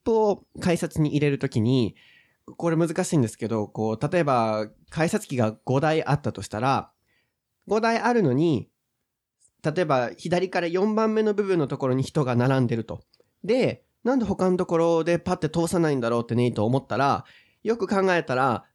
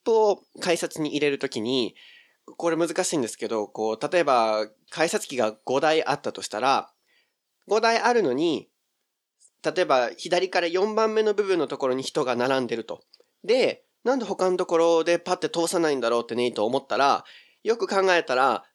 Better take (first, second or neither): first